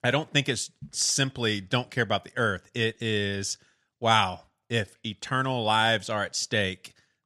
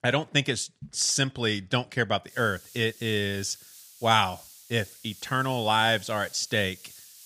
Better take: first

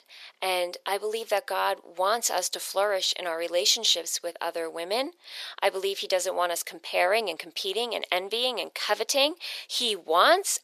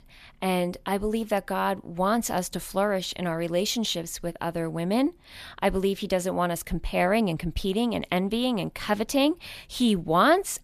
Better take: second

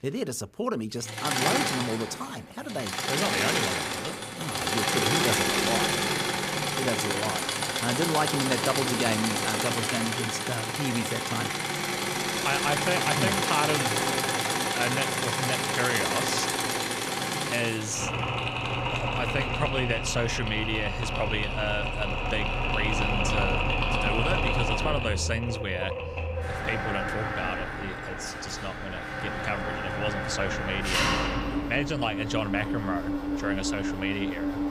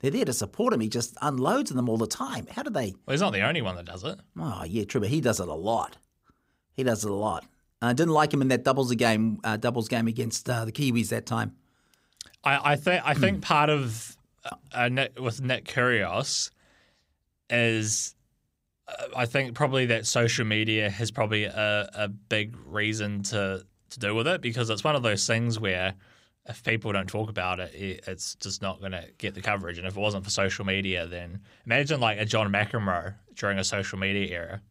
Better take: second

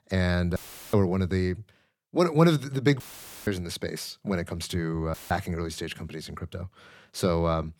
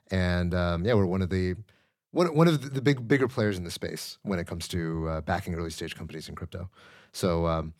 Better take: second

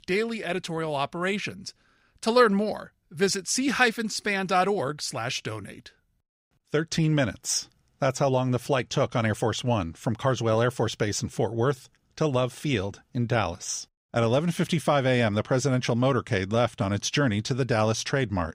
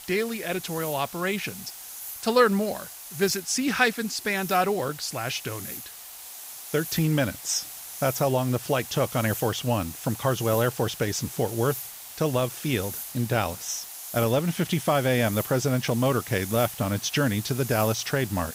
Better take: first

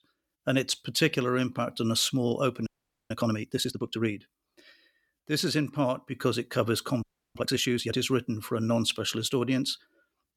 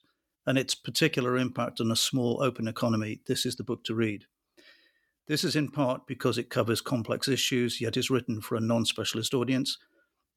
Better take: second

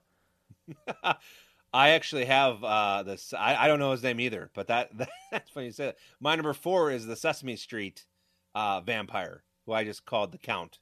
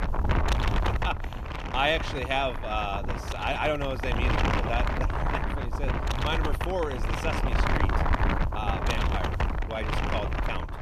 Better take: first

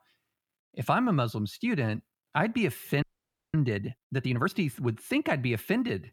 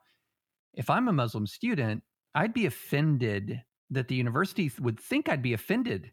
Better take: second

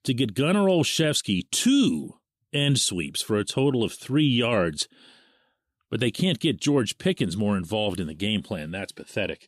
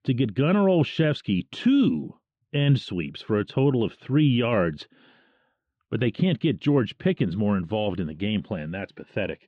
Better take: first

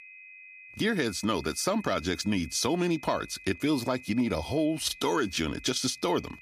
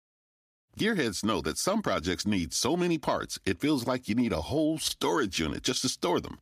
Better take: second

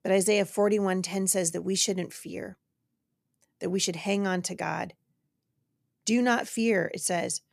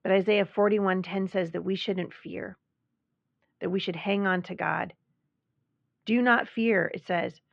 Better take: first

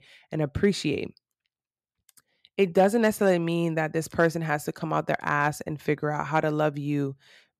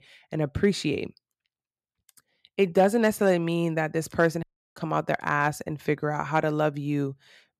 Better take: first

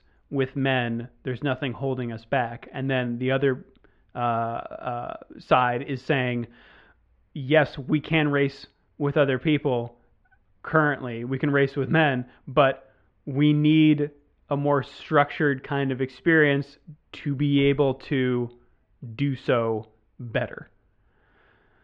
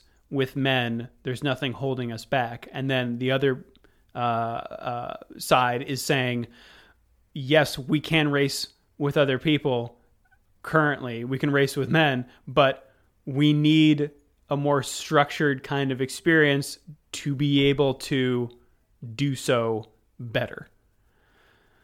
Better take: second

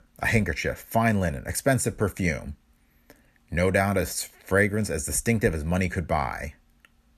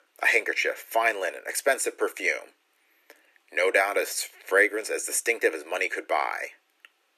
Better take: first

